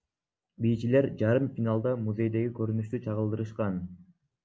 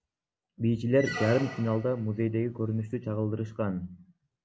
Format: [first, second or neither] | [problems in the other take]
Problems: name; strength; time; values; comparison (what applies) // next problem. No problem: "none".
first | background sound (Squeak); 11 dB below the speech